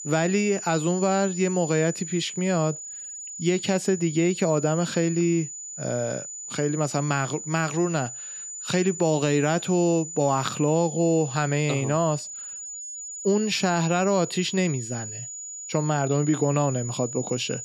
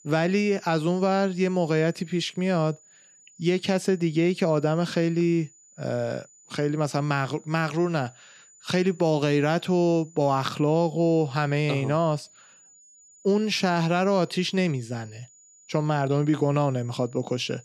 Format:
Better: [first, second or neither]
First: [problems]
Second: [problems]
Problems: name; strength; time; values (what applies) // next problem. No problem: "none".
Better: second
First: high-pitched whine; loud; throughout; 7 kHz, 9 dB below the speech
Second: high-pitched whine; faint; throughout; 7 kHz, 25 dB below the speech